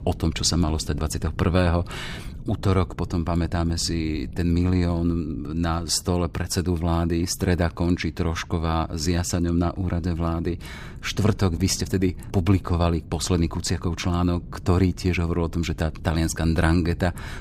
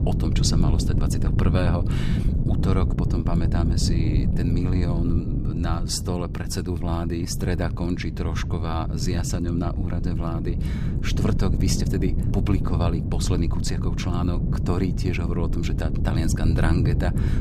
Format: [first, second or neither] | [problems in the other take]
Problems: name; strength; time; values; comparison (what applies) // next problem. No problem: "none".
first | wind noise on the microphone; heavy; 5 dB below the speech; occasional gusts in the first